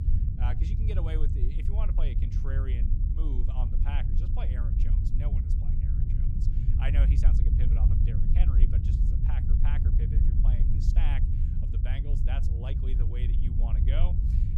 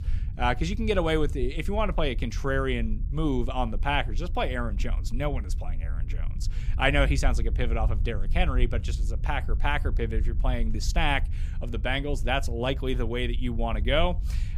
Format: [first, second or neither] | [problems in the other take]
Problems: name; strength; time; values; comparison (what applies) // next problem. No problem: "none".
second | low rumble; loud; throughout; as loud as the speech; faint in the second